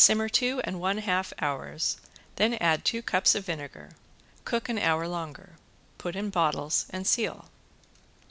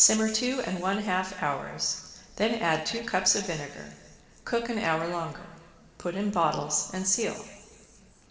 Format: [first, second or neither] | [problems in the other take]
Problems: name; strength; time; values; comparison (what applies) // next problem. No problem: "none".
first | room echo; dies away in 2.1 s